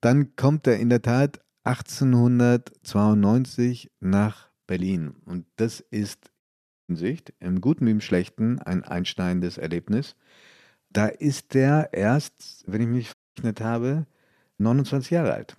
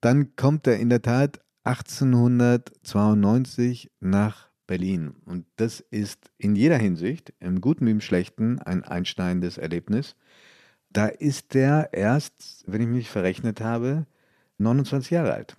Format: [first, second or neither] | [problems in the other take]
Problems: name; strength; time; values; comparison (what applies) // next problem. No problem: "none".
second | audio cutting out; at 6.5 s and at 13 s